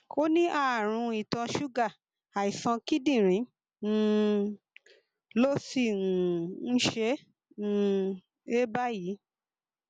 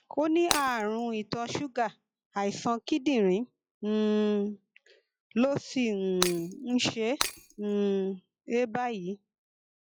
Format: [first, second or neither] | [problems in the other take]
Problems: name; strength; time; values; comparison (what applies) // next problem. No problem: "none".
first | noise reduction (classical method log-MMSE)